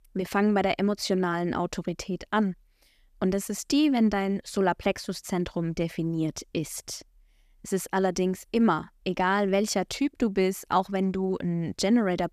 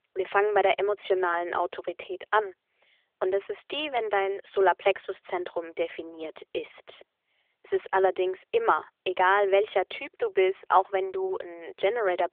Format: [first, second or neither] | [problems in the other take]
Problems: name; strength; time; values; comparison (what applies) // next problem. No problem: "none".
first | phone-call audio; nothing above 3.5 kHz